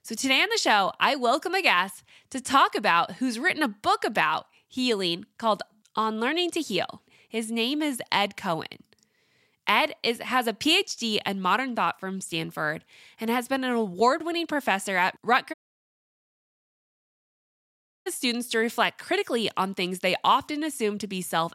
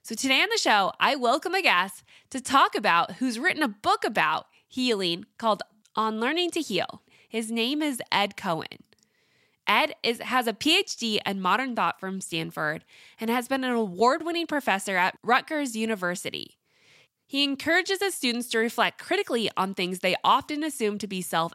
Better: second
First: audio cutting out; at 16 s for 2.5 s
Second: none

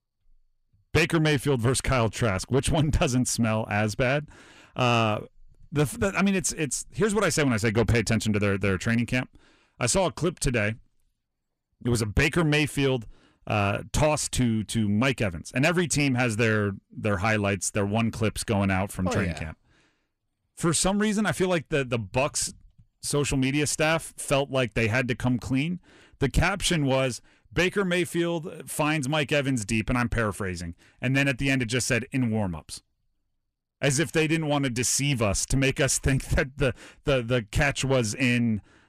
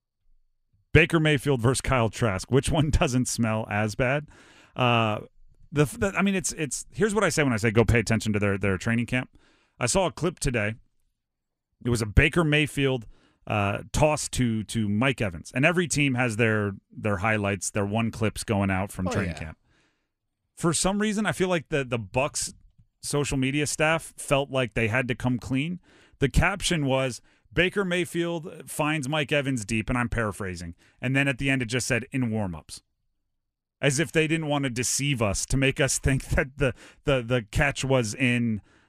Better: second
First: distortion; slight; 10 dB below the speech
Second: none

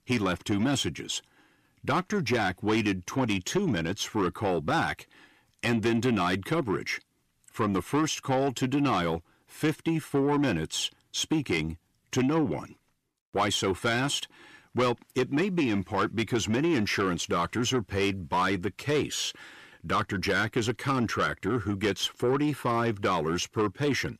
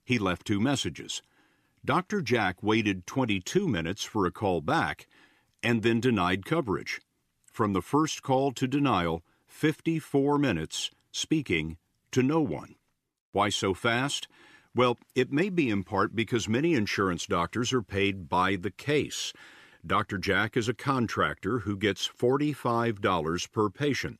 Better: second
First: distortion; slight; 10 dB below the speech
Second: none

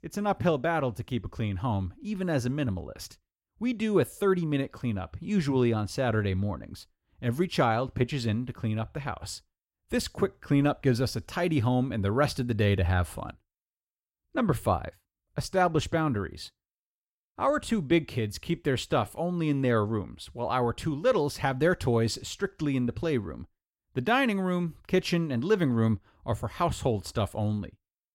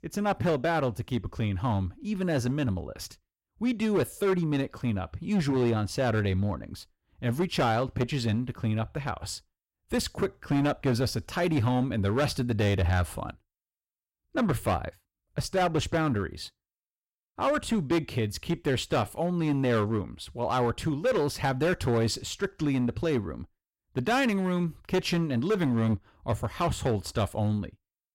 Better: first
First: none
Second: distortion; slight; 8% of the sound clipped

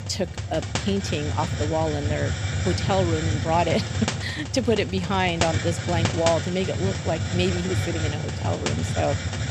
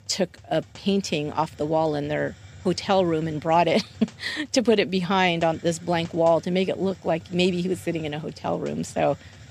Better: second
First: hiss; loud; throughout; 1 dB below the speech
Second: hiss; faint; throughout; 20 dB below the speech

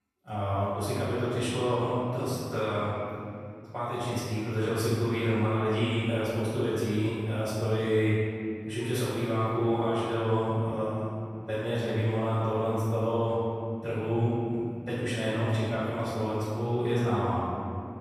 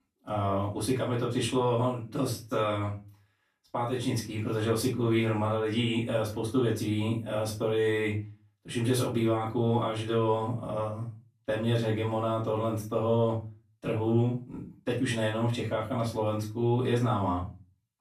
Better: second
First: room echo; strong; dies away in 2.6 s // off-mic speech; far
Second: room echo; slight; dies away in 0.3 s // off-mic speech; far

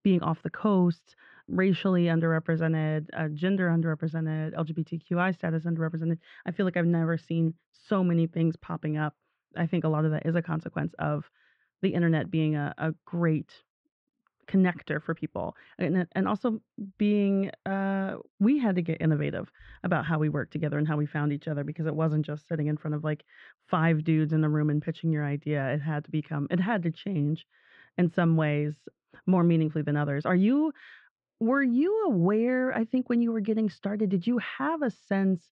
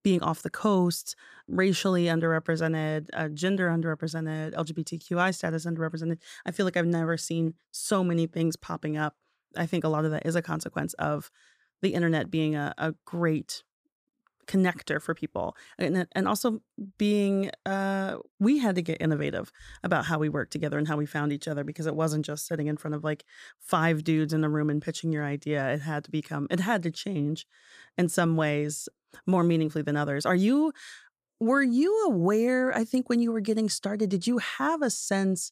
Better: second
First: muffled; very; fading above 3 kHz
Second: none

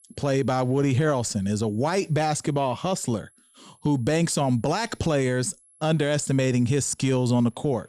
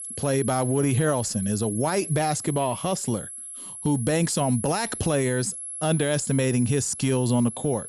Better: first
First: high-pitched whine; faint; throughout; 11 kHz, 30 dB below the speech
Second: high-pitched whine; loud; throughout; 11 kHz, 9 dB below the speech

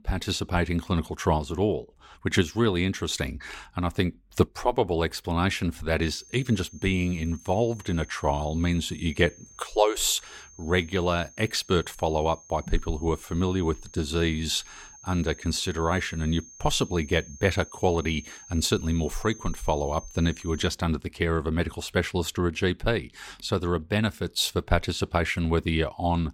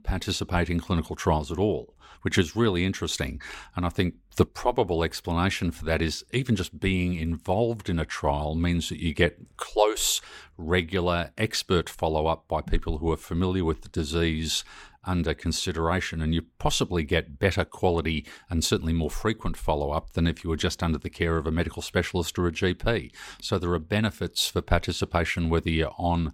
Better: second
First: high-pitched whine; noticeable; from 6 to 21 s; 6.5 kHz, 20 dB below the speech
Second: none

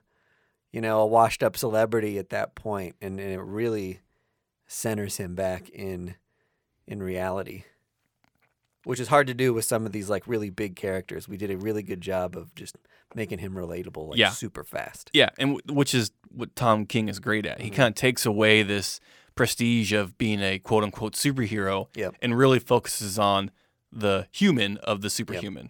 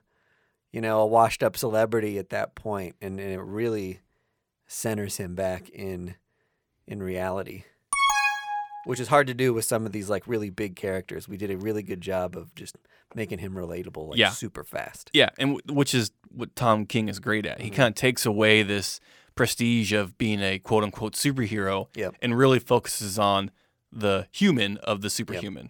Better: first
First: none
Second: alarm; loud; at 8 s; peak 5 dB above the speech

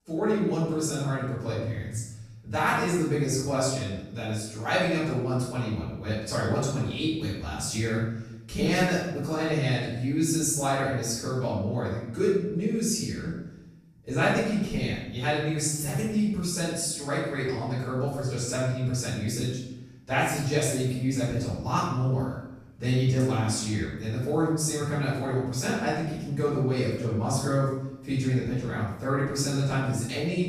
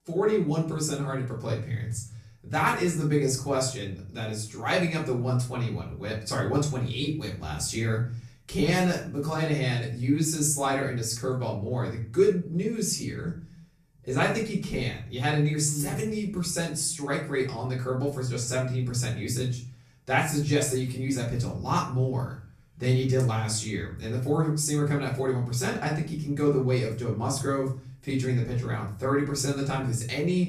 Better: second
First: room echo; strong; dies away in 0.8 s // off-mic speech; far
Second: room echo; slight; dies away in 0.4 s // off-mic speech; far

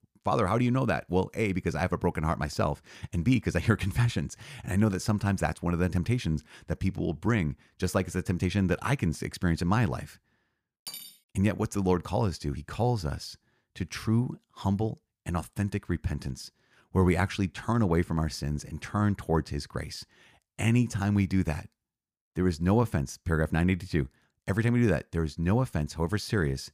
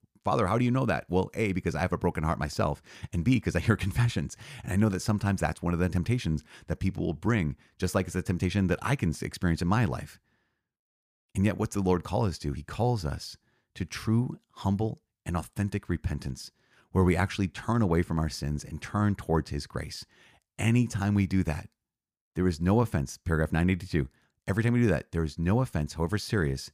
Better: second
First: clattering dishes; faint; at 11 s; peak 10 dB below the speech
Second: none

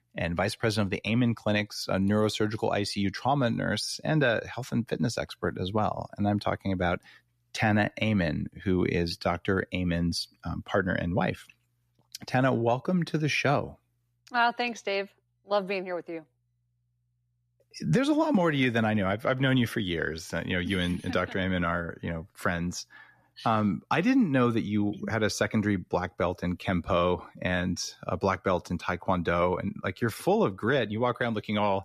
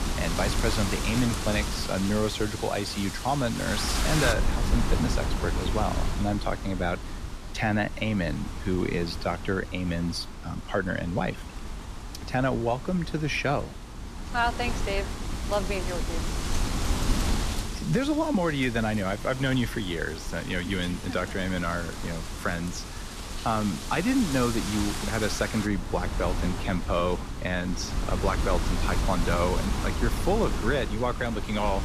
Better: first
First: none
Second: wind noise on the microphone; heavy; 6 dB below the speech

